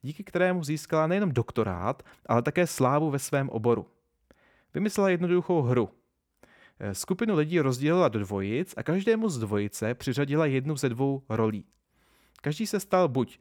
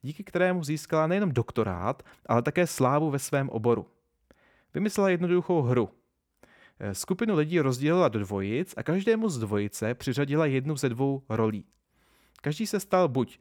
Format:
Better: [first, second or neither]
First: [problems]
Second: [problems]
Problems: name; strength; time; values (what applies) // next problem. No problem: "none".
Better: neither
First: none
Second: none